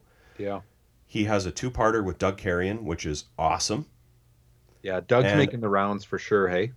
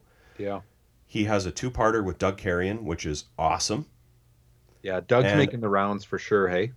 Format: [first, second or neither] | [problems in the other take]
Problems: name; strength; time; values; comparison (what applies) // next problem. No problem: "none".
neither | none